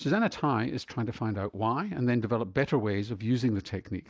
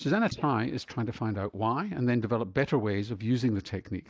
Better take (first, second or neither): first